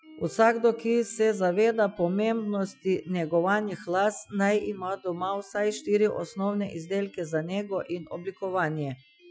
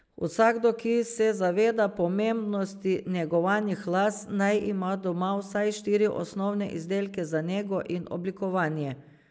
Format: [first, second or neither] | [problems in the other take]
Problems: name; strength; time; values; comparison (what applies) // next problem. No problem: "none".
second | noise reduction (classical method Wiener filter)